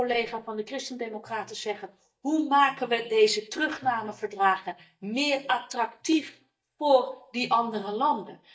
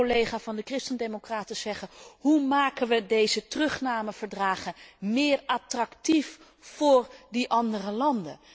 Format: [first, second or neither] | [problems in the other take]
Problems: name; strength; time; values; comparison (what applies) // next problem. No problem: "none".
second | noise reduction (neural mask model DeepFilterNet 3)